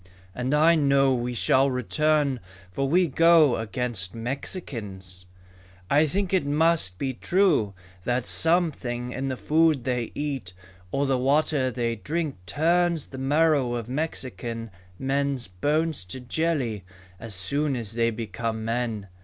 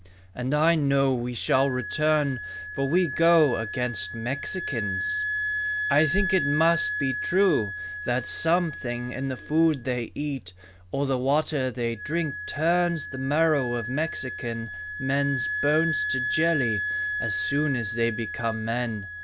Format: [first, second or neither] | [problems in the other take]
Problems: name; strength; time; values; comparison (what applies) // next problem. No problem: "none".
first | background sound (Wind instrument, woodwind instrument); 6 dB below the speech